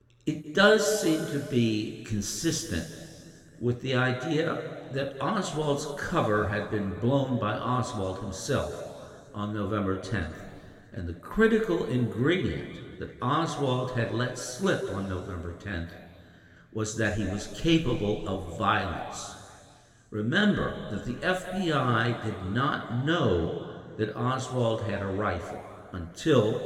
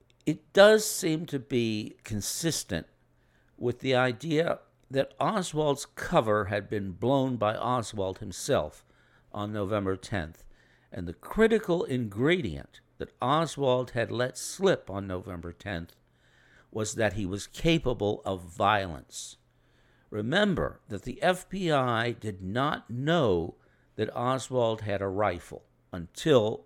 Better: second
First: room echo; noticeable; dies away in 2.2 s // off-mic speech; somewhat distant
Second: none

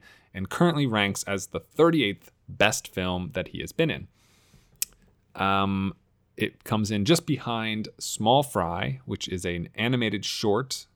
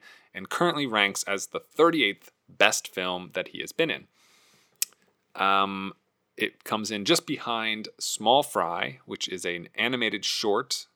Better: first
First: none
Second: thin; somewhat; fading below 300 Hz

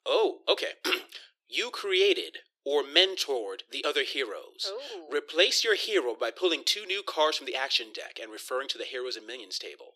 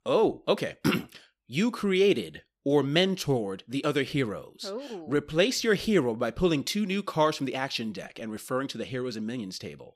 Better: second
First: thin; very; fading below 350 Hz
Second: none

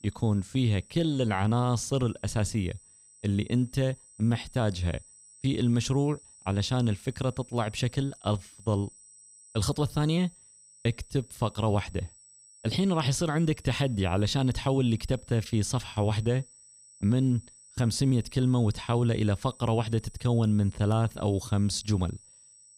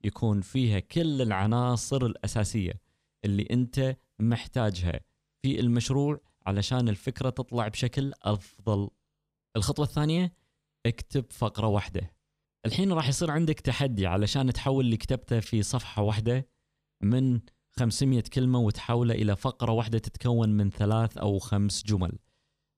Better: second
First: high-pitched whine; faint; throughout; 8 kHz, 25 dB below the speech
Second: none

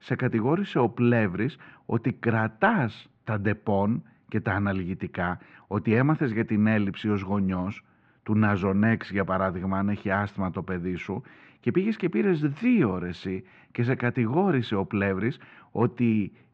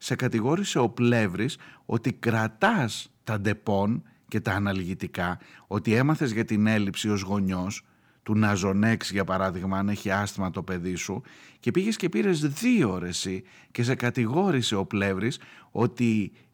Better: second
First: muffled; very; fading above 2.5 kHz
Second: none

